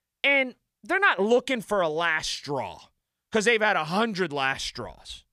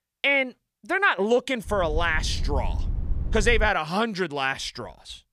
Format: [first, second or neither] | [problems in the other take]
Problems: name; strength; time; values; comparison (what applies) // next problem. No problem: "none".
first | low rumble; faint; from 1.5 to 3.5 s; 25 dB below the speech